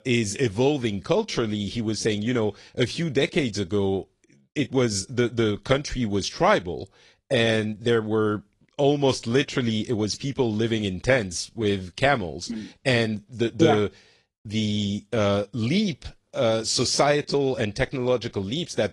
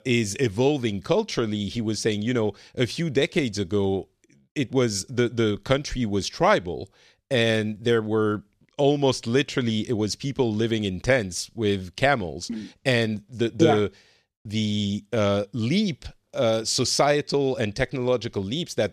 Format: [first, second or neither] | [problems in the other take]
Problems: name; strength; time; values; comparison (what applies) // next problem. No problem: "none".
second | garbled, watery; slightly